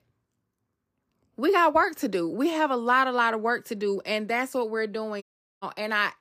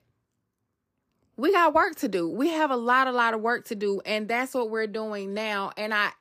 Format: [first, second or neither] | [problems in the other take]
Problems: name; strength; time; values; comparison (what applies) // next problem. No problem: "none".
second | audio cutting out; at 5 s